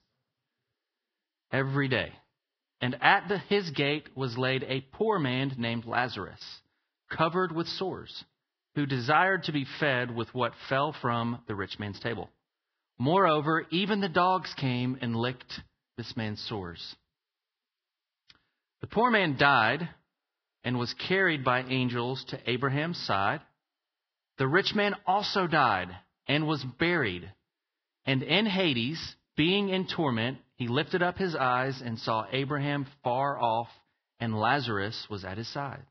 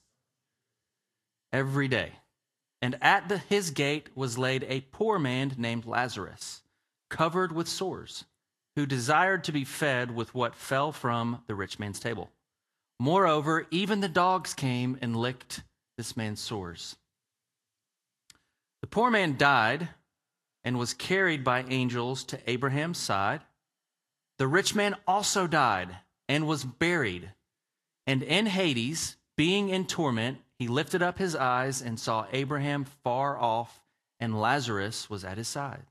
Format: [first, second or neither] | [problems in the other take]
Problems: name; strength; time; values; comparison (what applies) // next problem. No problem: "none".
second | garbled, watery; badly; nothing above 5.5 kHz; slightly in the second